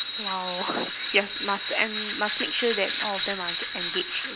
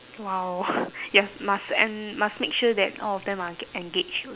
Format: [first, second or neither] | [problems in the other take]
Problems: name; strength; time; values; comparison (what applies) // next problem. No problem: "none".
second | background sound (Tools); as loud as the speech